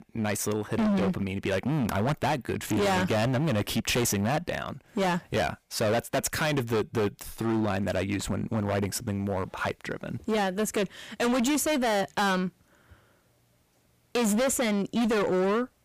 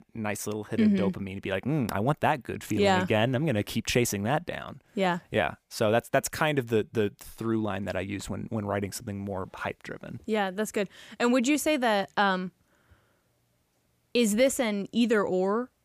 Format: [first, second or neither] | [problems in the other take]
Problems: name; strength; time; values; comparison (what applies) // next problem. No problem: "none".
second | distortion; heavy; 19% of the sound clipped